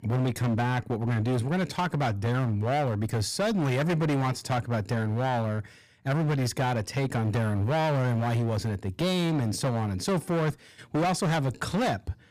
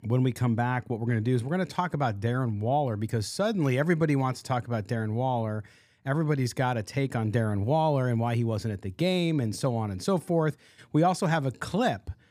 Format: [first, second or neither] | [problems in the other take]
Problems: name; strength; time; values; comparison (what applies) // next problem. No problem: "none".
second | distortion; heavy; 24% of the sound clipped